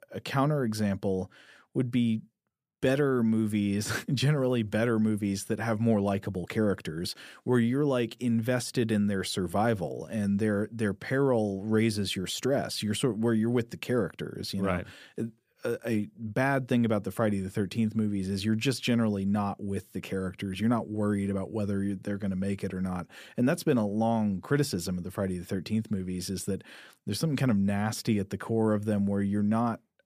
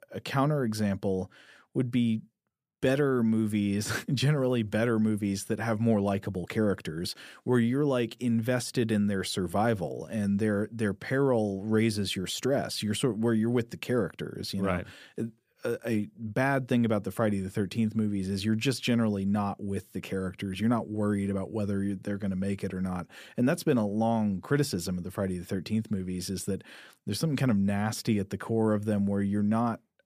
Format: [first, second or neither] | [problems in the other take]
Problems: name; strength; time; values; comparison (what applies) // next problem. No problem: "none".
neither | none